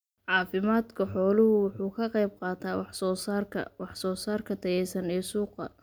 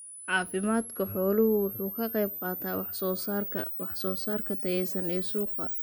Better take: first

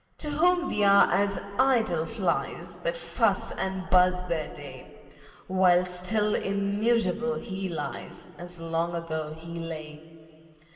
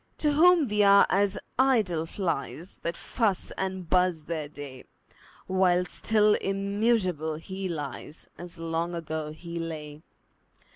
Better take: second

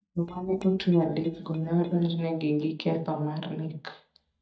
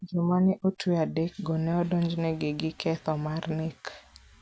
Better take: second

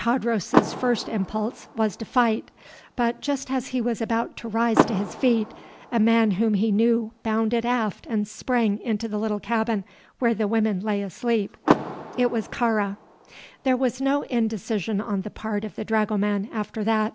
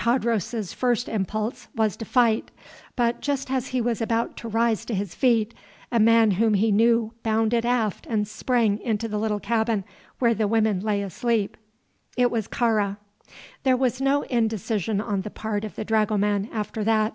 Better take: second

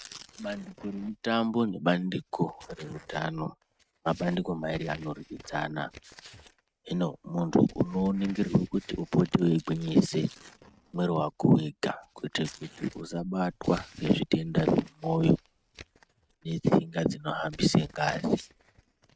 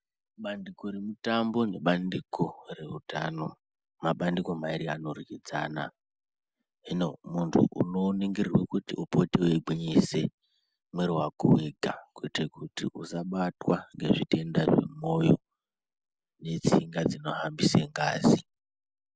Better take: second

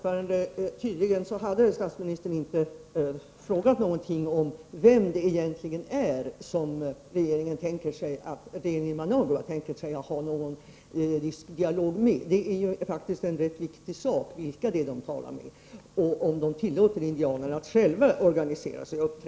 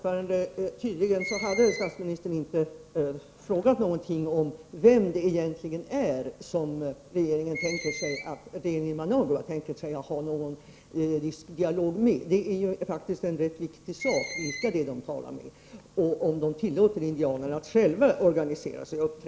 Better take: first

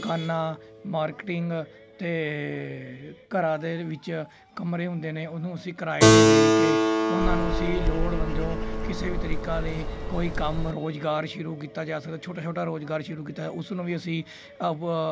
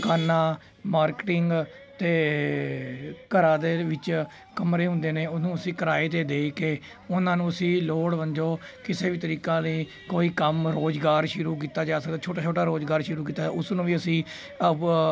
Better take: second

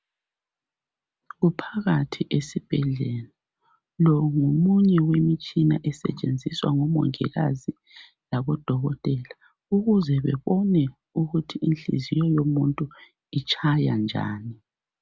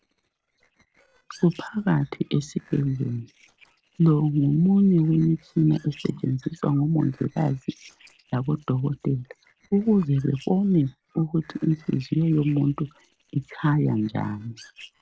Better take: first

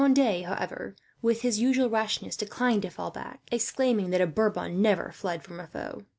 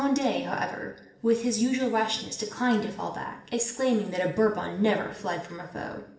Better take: first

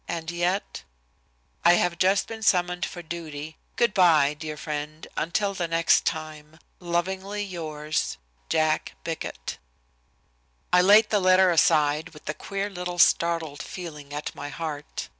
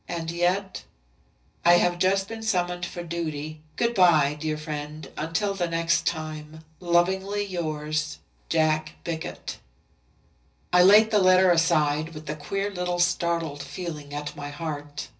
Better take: first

